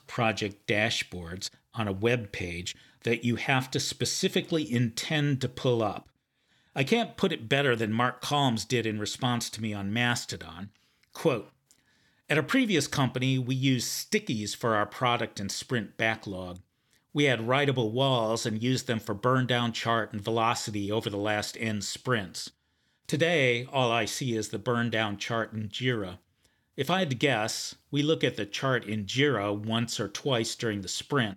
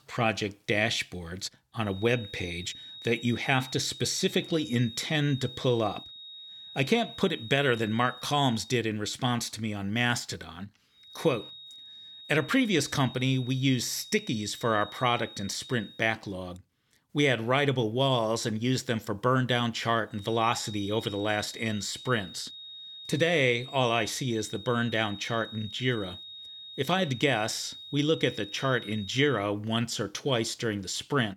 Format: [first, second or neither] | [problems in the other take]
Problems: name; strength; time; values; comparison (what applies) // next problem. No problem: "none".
first | high-pitched whine; noticeable; from 2 to 8.5 s, from 11 to 16 s and from 20 to 29 s; 4 kHz, 15 dB below the speech